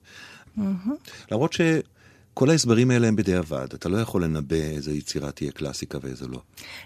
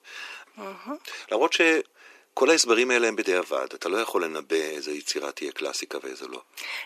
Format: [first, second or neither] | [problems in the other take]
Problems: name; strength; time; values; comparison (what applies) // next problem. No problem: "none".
first | thin; very; fading below 350 Hz